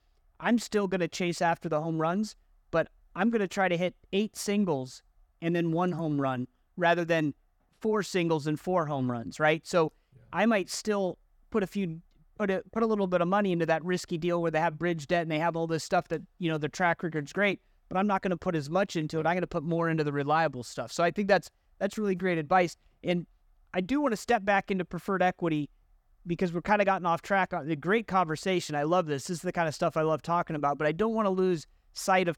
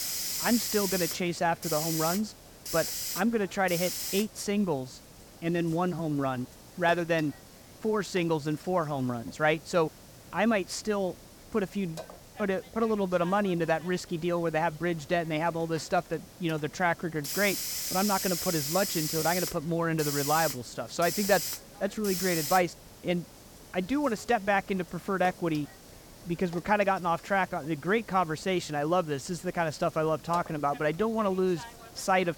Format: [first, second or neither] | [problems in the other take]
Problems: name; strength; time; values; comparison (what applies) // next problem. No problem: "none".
first | hiss; loud; throughout; 4 dB below the speech